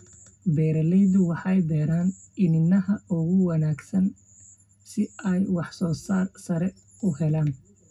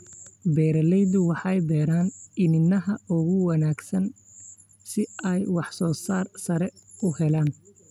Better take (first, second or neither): second